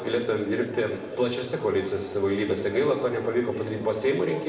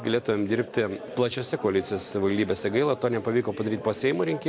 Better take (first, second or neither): second